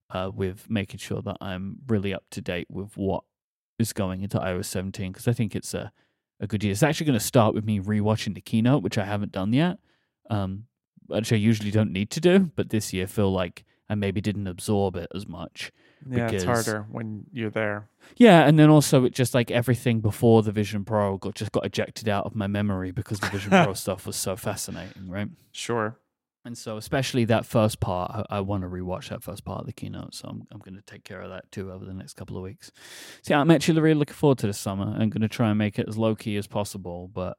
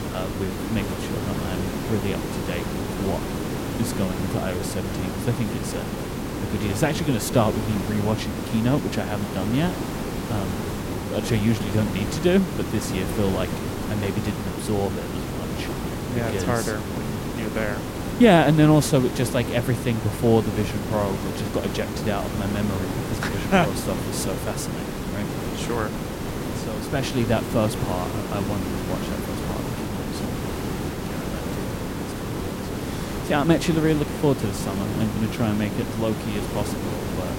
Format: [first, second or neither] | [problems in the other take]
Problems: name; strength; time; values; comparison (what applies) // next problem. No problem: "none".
first | hiss; loud; throughout; 4 dB below the speech